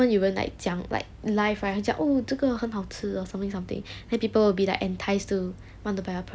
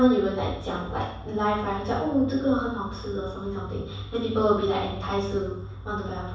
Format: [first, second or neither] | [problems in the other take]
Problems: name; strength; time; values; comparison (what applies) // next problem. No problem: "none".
first | room echo; dies away in 0.7 s